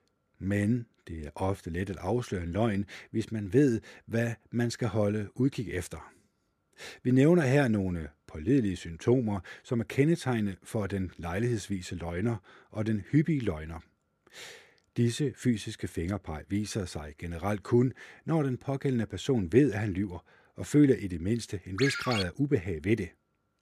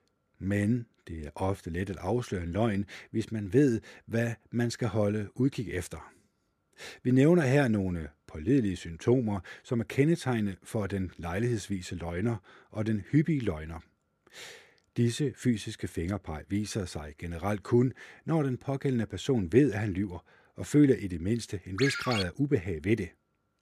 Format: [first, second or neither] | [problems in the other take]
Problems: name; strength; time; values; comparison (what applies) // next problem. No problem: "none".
neither | phone ringing; noticeable; at 22 s; peak 1 dB below the speech; the same in both